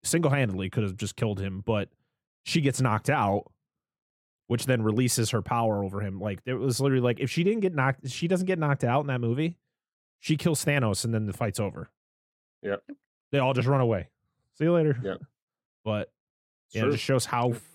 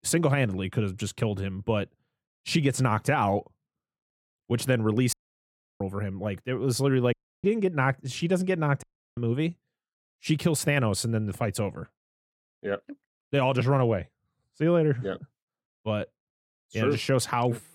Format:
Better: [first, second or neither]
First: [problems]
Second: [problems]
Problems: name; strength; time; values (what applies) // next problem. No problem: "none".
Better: first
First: none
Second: audio cutting out; at 5 s for 0.5 s, at 7 s and at 9 s